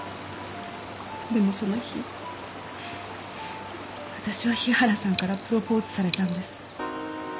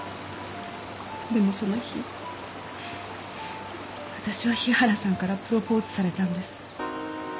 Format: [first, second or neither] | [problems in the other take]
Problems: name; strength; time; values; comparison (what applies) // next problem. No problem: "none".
second | background sound (Coin (dropping)); 11 dB below the speech